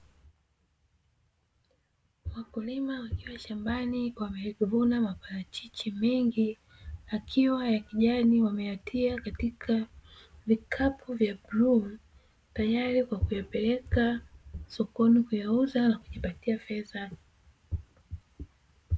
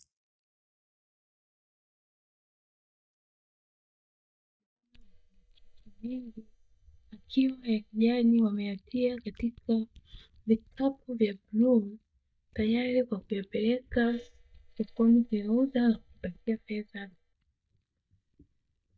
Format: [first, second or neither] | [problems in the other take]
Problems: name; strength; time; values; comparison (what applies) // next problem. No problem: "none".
first | noise reduction (neural mask model DeepFilterNet 3)